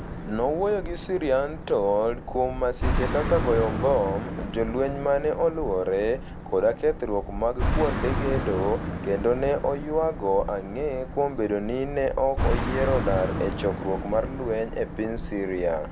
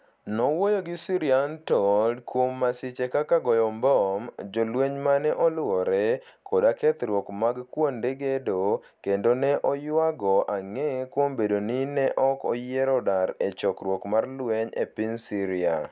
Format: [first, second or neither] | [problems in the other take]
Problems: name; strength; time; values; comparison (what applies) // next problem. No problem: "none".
second | background sound (Car passing by); 4 dB below the speech